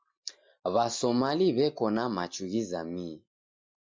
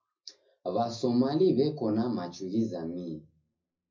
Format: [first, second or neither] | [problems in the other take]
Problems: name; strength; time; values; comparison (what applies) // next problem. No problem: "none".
first | room echo; dies away in 0.4 s